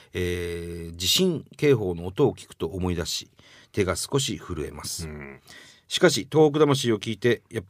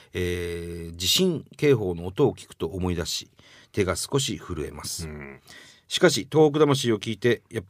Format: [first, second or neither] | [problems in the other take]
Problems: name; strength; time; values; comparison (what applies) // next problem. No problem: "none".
neither | none